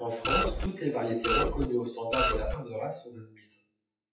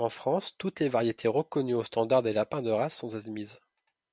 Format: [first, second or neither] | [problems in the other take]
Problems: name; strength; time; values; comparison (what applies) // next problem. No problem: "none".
second | noise reduction (classical method WPE with log-MMSE)